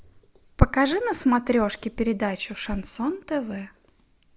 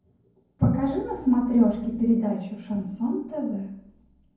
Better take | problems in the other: first | room echo; dies away in 0.9 s

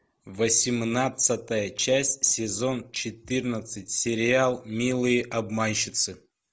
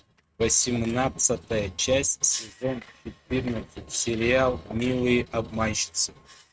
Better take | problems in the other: first | noise reduction (neural mask model RNNoise)

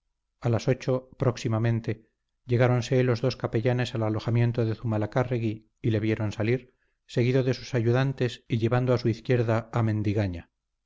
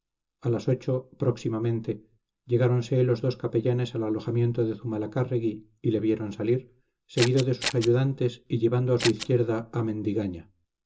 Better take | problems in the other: first | background sound (Scissors); 6 dB below the speech // room echo; dies away in 0.2 s

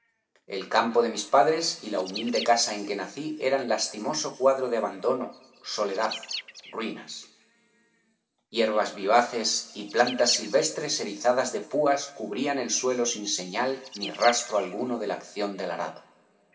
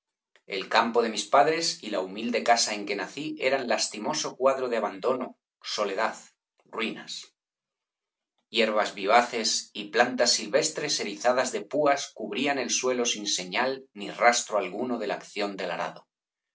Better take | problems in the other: second | background sound (Bird); 18 dB below the speech // room echo; dies away in 2.3 s

